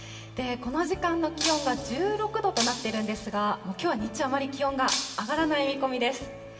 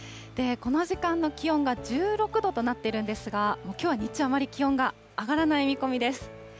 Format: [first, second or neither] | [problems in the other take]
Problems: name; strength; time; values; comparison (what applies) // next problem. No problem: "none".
second | background sound (Shatter); 7 dB below the speech // room echo; dies away in 0.8 s